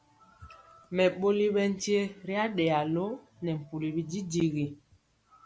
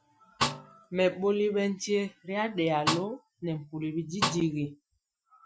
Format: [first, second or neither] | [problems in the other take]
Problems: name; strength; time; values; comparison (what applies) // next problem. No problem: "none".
first | noise reduction (classical method Wiener filter)